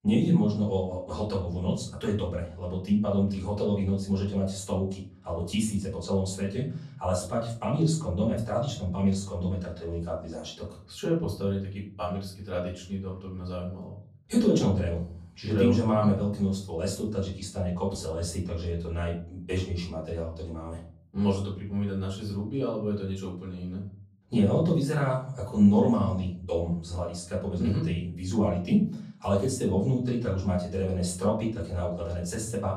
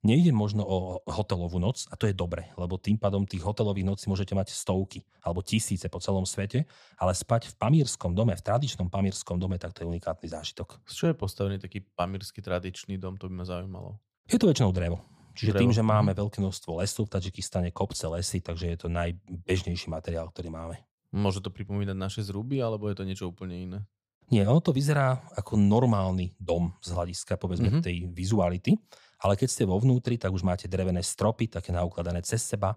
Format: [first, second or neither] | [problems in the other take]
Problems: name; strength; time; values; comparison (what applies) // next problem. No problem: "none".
second | off-mic speech; far // room echo; slight; dies away in 0.4 s